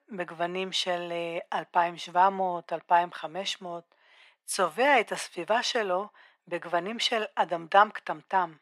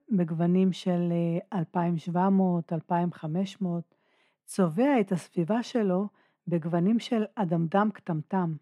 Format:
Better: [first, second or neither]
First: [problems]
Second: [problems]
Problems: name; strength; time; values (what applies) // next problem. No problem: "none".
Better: second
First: thin; very; fading below 800 Hz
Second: none